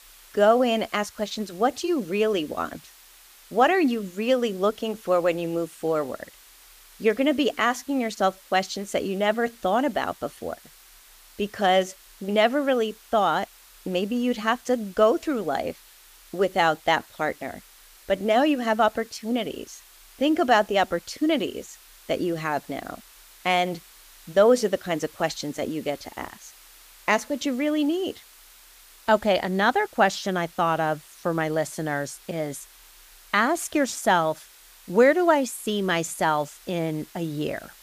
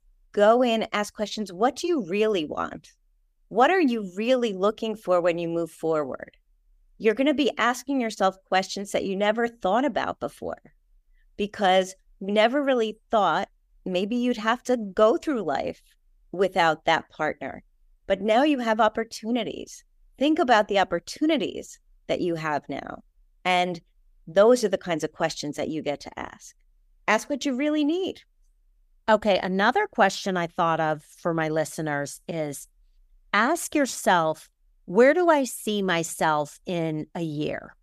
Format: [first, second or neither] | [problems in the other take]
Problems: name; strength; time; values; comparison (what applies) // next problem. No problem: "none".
second | hiss; faint; throughout; 25 dB below the speech